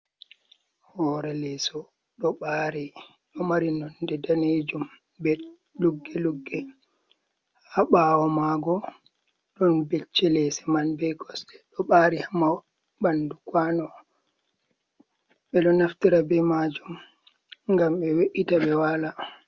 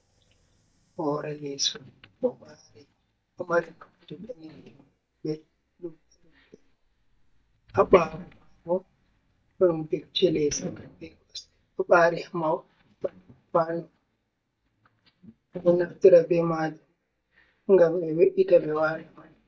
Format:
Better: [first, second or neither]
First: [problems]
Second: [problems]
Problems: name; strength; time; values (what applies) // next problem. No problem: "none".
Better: first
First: none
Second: noise reduction (neural mask model DeepFilterNet 3)